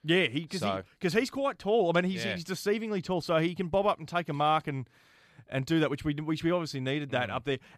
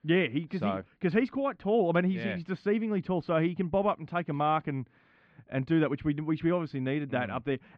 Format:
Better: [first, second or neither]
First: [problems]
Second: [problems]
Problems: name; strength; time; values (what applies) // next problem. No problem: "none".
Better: first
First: none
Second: muffled; very; fading above 2.5 kHz